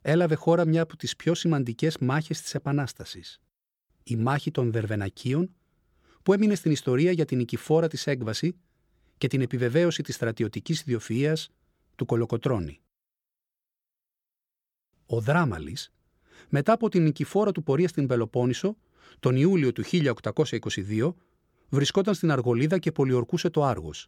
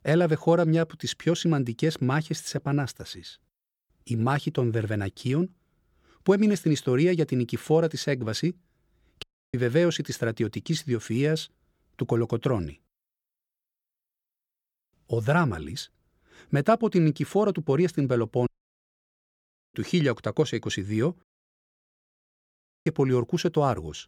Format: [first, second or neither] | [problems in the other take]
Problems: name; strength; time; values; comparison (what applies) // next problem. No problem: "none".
first | audio cutting out; at 9 s, at 18 s for 1.5 s and at 21 s for 1.5 s